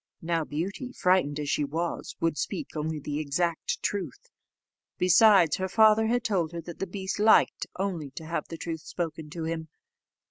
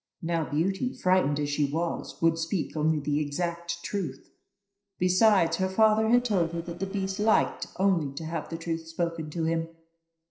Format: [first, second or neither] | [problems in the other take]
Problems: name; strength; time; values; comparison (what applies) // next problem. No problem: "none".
first | noise reduction (neural separator model SepFormer DNS4)